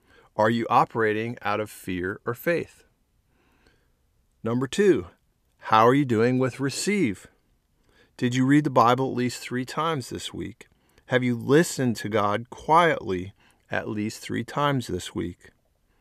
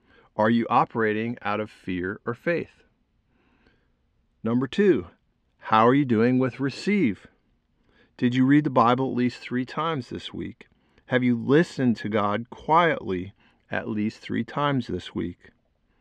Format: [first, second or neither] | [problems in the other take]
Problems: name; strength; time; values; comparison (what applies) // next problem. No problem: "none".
first | muffled; very slightly; fading above 3 kHz